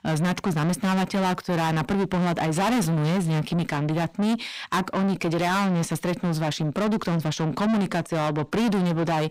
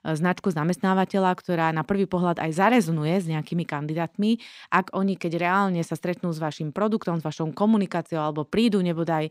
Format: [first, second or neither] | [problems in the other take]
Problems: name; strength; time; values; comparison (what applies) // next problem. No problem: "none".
second | distortion; heavy; 5 dB below the speech